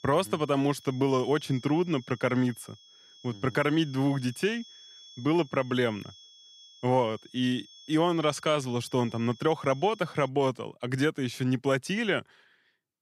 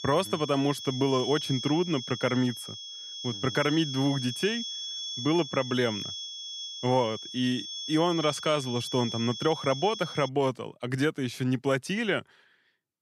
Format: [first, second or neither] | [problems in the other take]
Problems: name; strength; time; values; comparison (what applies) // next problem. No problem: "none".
first | high-pitched whine; loud; until 10 s; 3.5 kHz, 7 dB below the speech; faint in the first